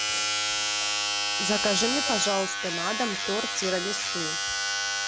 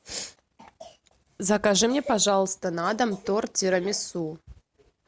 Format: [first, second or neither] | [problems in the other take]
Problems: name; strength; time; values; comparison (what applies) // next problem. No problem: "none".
second | background sound (Domestic sounds, home sounds); 3 dB above the speech